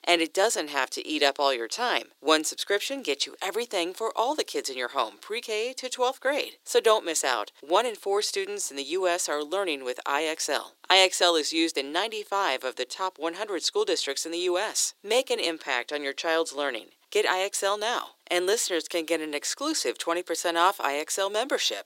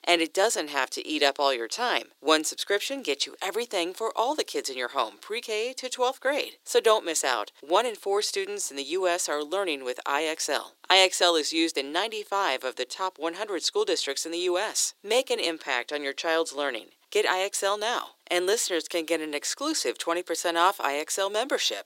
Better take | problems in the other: neither | thin; very; fading below 300 Hz; the same in both

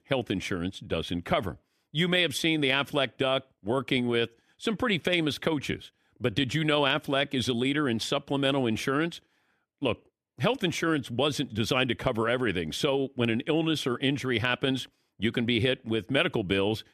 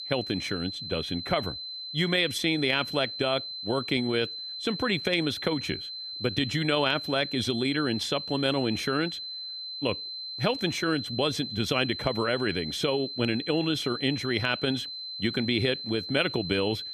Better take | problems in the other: first | high-pitched whine; loud; throughout; 4 kHz, 6 dB below the speech

